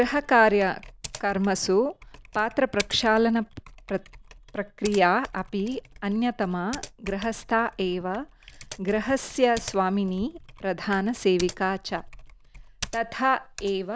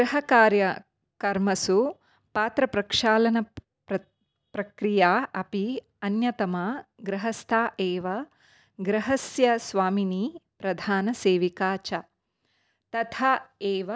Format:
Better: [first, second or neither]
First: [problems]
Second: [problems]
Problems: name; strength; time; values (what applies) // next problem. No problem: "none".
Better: second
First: background sound (Typing); 17 dB below the speech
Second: none